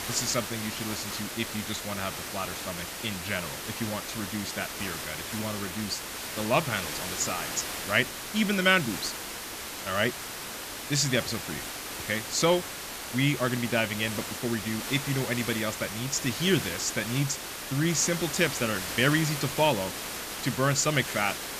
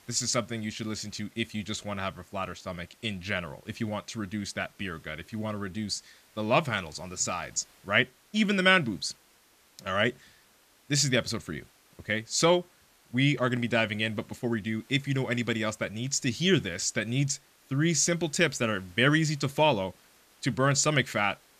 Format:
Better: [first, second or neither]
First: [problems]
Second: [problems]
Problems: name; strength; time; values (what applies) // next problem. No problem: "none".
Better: second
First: hiss; loud; throughout; 5 dB below the speech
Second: hiss; faint; throughout; 30 dB below the speech